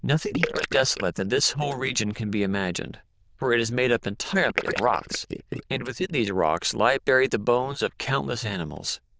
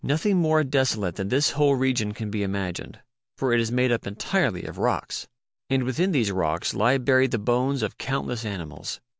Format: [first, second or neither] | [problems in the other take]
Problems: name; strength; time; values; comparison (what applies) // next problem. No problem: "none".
second | noise reduction (neural diffusion model UNIVERSE++)